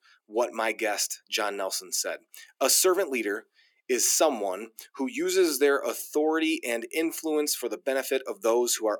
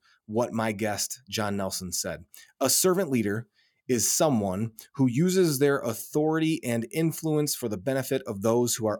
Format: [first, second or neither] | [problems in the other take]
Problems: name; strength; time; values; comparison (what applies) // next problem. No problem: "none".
second | thin; somewhat; fading below 300 Hz